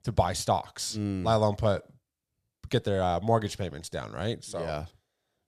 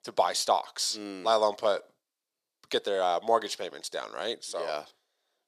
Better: first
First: none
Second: thin; very; fading below 350 Hz

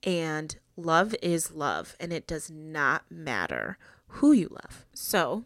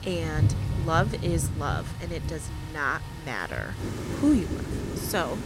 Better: first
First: none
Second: rain or running water; loud; throughout; 1 dB below the speech

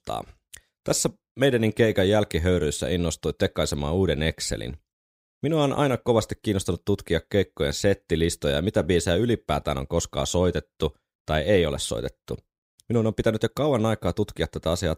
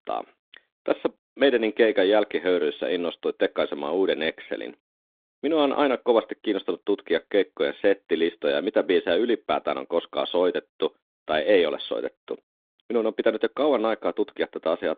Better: first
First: none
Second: phone-call audio

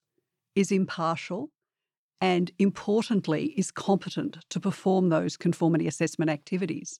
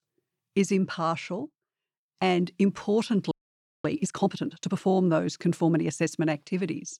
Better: first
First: none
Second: audio freezing; at 3.5 s for 0.5 s

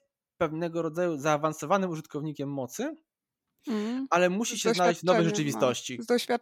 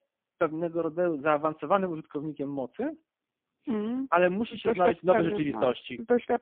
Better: first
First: none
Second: phone-call audio; poor line

